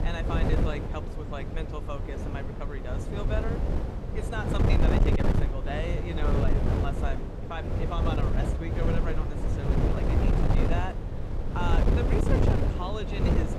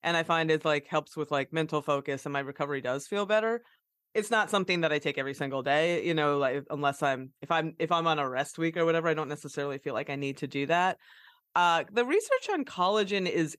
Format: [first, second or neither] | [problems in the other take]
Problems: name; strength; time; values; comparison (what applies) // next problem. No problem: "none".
second | wind noise on the microphone; heavy; 1 dB above the speech